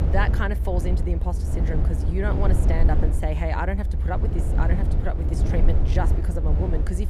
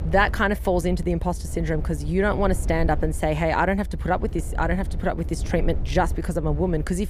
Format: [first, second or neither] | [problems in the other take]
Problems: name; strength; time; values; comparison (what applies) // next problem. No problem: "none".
second | low rumble; loud; throughout; 6 dB below the speech; faint in the second